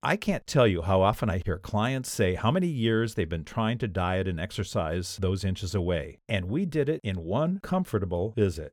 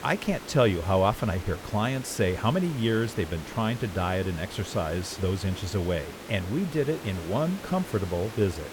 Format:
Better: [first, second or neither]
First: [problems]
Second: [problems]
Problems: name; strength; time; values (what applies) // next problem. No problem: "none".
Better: first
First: none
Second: hiss; noticeable; throughout; 15 dB below the speech